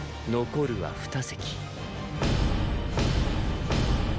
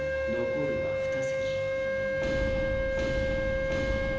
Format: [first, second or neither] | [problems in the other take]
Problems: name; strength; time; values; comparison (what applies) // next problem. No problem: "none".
first | background sound (Wind instrument, woodwind instrument); 5 dB above the speech // room echo; dies away in 1.1 s